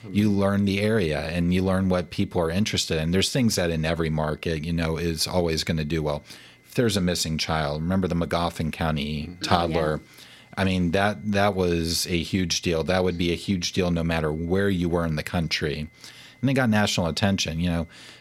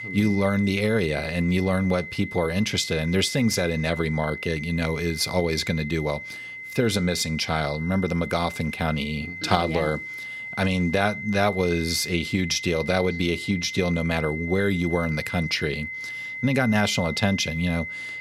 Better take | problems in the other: first | high-pitched whine; loud; throughout; 2 kHz, 9 dB below the speech; faint in the first

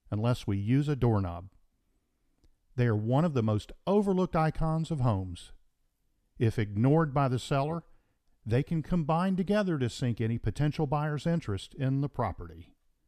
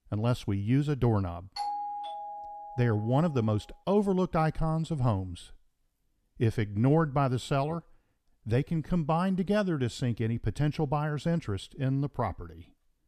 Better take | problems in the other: first | doorbell; noticeable; from 1.5 to 3.5 s; peak 5 dB below the speech

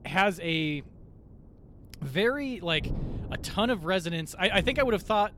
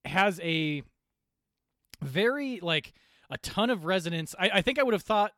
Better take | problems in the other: second | wind noise on the microphone; occasional gusts; 25 dB below the speech

